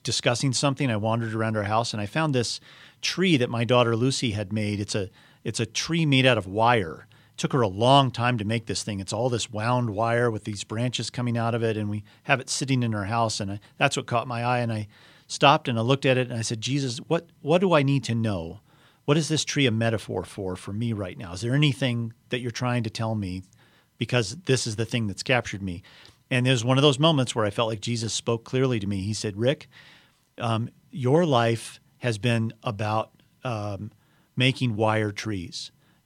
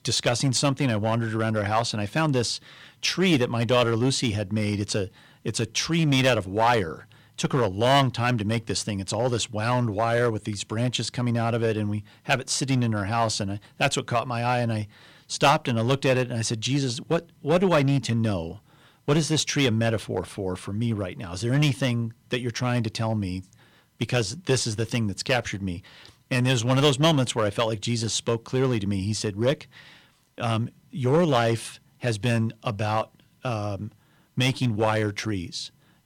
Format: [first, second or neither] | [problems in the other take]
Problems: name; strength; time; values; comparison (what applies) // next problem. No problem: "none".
first | distortion; slight; 3% of the sound clipped